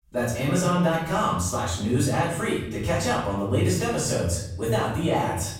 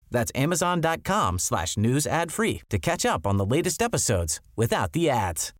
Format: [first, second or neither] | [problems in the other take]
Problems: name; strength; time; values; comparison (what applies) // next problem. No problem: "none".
second | room echo; noticeable; dies away in 0.8 s // off-mic speech; far